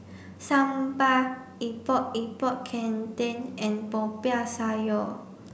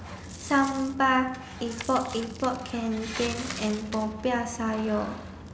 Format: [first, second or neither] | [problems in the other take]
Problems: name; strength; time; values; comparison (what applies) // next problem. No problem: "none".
first | background sound (Coin (dropping) + Truck); 12 dB below the speech